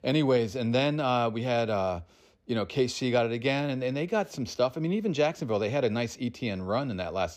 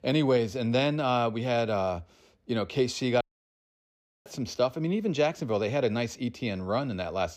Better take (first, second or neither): first